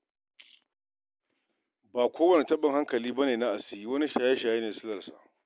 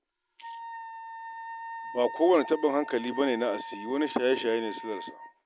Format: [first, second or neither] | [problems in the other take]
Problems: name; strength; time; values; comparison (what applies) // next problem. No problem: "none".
first | background sound (Wind instrument, woodwind instrument); 11 dB below the speech